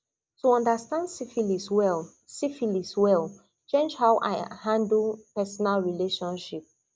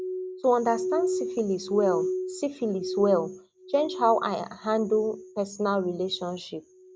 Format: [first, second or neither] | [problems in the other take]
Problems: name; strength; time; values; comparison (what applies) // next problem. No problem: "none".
first | background sound (Glass); 7 dB below the speech